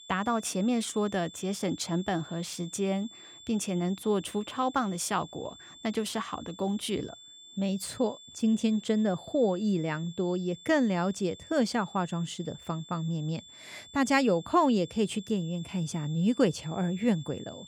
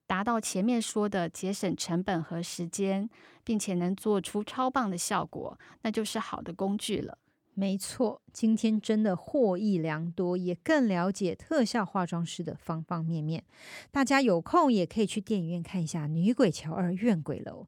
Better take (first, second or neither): second